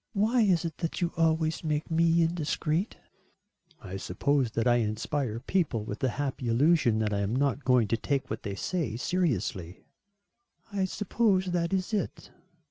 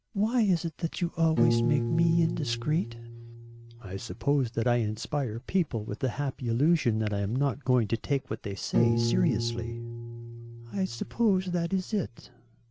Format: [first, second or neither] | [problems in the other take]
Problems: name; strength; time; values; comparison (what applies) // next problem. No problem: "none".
first | background sound (Piano); 6 dB below the speech